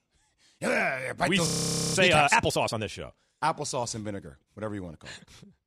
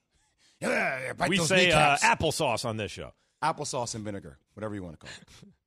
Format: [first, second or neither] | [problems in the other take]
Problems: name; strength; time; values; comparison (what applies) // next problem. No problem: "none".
second | audio freezing; at 1.5 s